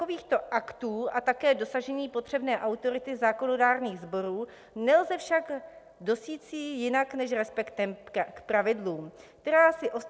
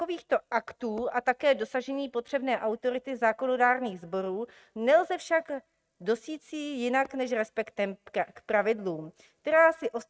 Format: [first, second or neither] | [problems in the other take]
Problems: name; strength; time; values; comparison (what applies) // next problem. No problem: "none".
first | noise reduction (neural mask model RNNoise)